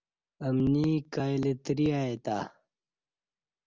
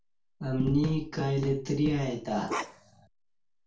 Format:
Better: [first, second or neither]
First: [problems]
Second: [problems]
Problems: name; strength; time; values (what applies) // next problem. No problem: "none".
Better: first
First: none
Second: background sound (Bark); 7 dB below the speech // room echo; dies away in 0.3 s